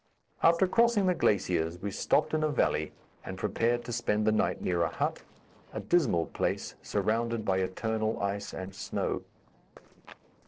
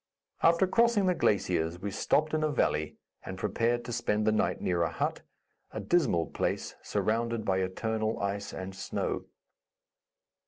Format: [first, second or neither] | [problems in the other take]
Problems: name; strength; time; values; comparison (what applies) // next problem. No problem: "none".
second | noise reduction (neural separator model SepFormer DNS4)